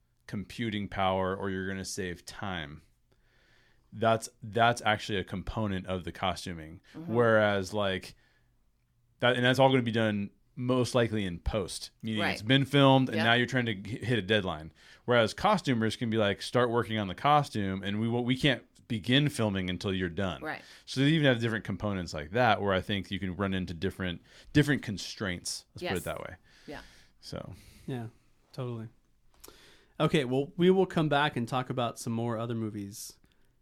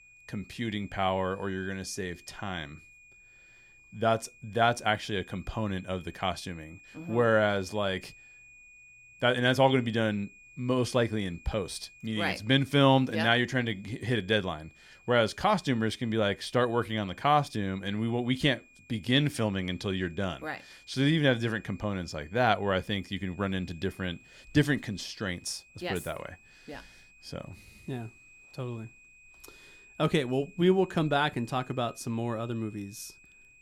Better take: first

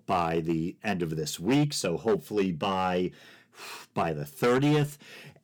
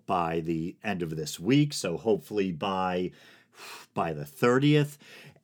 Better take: second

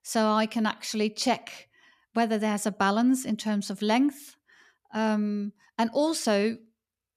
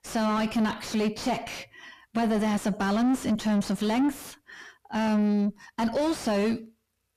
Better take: first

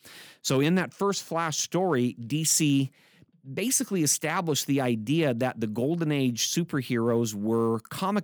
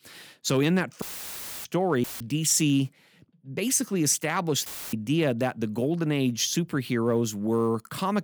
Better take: first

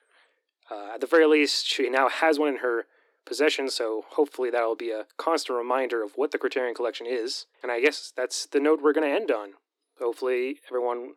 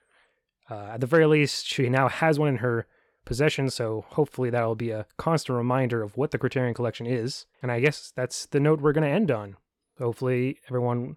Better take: second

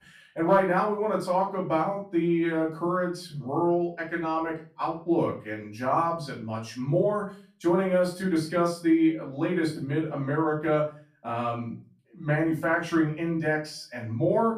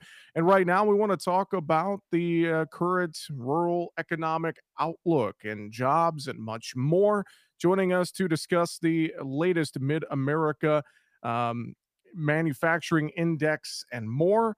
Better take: second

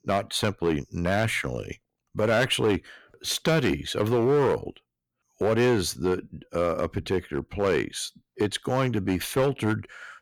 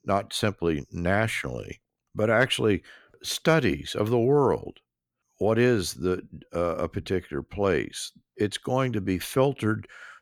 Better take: second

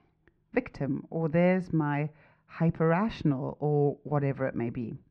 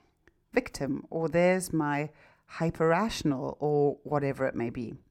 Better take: second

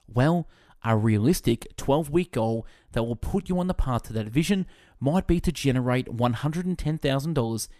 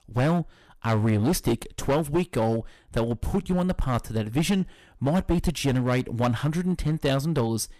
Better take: first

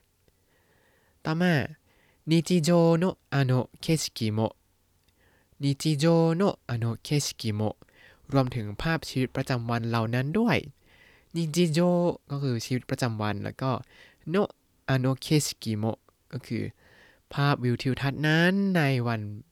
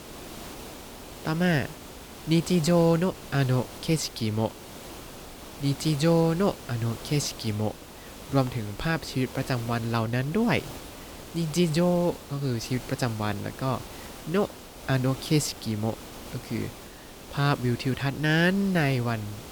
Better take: first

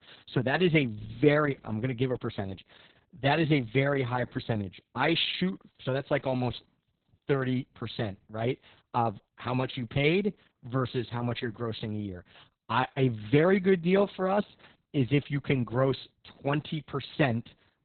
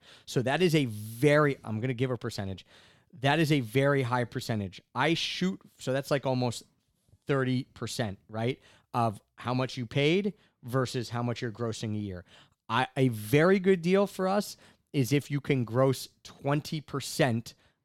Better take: second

